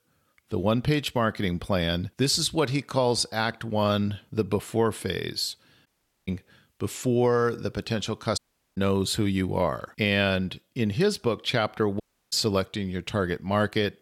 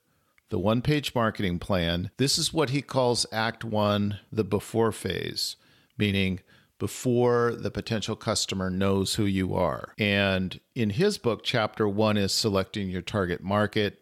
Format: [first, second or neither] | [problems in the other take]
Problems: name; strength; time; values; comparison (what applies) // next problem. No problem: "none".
second | audio cutting out; at 6 s, at 8.5 s and at 12 s